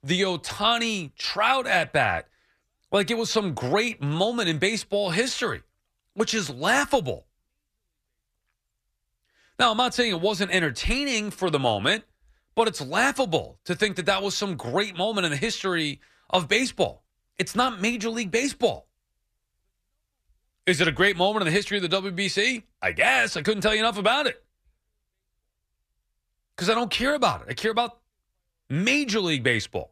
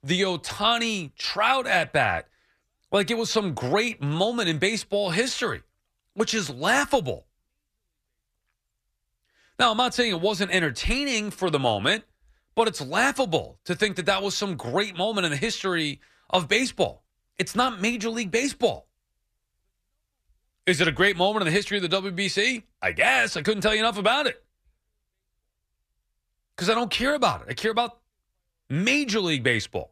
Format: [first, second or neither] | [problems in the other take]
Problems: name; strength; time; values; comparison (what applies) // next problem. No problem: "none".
neither | none